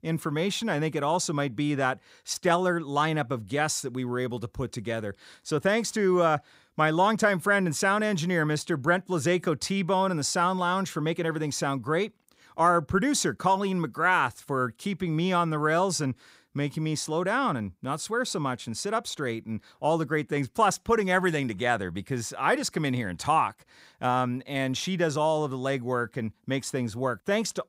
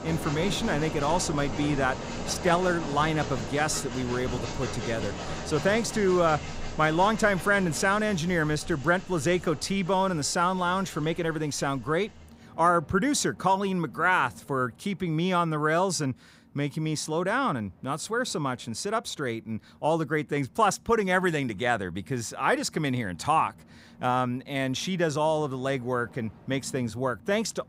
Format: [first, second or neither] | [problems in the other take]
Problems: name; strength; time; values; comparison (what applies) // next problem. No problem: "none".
first | train or aircraft noise; noticeable; throughout; 10 dB below the speech